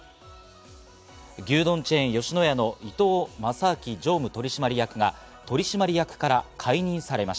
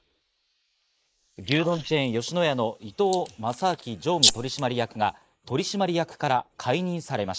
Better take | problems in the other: first | noise reduction (neural mask model Resemble Enhance denoiser)

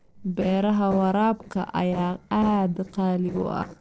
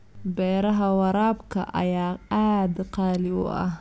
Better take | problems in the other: second | noise reduction (neural separator model SepFormer DNS4)

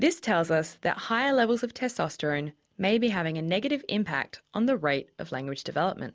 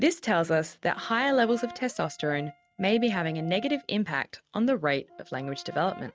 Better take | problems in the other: first | noise reduction (neural mask model RNNoise)

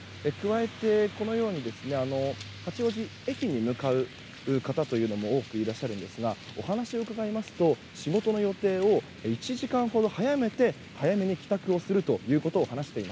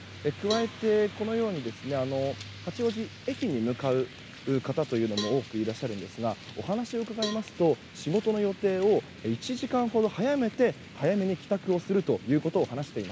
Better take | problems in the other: first | background sound (Cowbell); 15 dB below the speech

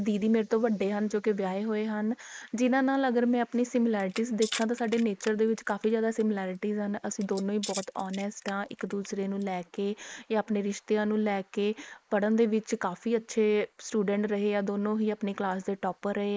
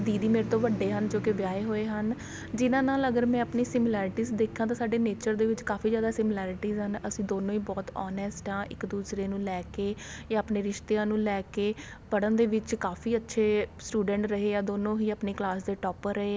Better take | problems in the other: second | noise reduction (neural mask model Resemble Enhance denoiser)

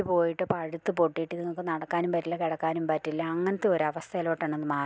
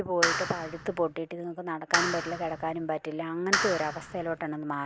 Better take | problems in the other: first | background sound (Clapping); 1 dB below the speech

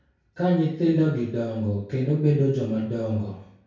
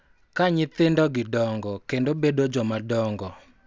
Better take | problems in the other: second | room echo; dies away in 0.6 s

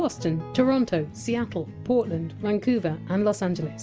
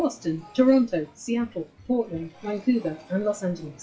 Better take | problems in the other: first | noise reduction (classical method WPE with log-MMSE)

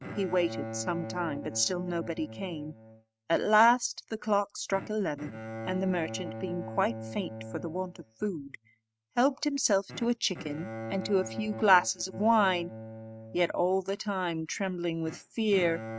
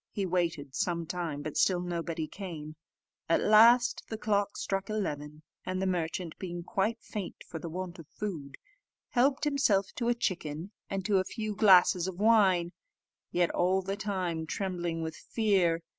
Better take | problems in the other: second | noise reduction (neural mask model RNNoise)

